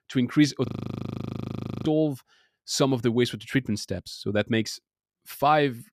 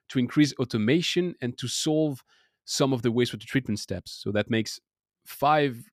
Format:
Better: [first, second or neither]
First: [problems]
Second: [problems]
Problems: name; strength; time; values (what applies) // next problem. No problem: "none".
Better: second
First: audio freezing; at 0.5 s for 1 s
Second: none